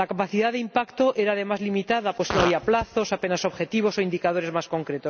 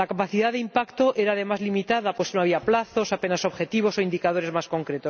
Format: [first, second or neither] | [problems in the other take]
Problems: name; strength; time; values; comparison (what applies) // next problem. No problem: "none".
second | background sound (Fart); 8 dB below the speech